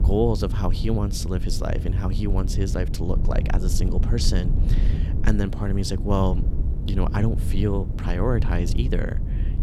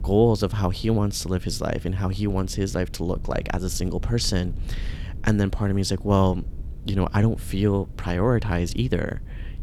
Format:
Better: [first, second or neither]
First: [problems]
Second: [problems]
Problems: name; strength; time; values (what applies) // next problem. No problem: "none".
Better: second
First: low rumble; loud; throughout; 10 dB below the speech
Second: low rumble; faint; throughout; 25 dB below the speech